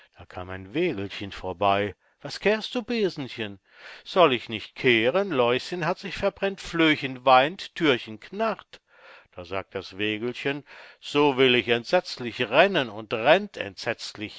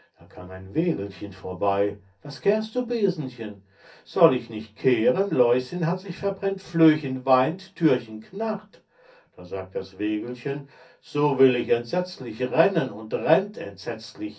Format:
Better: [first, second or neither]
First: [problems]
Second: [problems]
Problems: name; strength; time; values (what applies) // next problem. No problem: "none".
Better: first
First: none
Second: room echo; dies away in 0.3 s